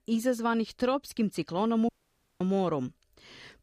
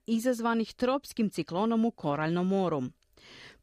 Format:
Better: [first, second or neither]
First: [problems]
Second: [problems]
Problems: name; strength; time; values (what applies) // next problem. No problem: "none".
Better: second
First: audio cutting out; at 2 s for 0.5 s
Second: none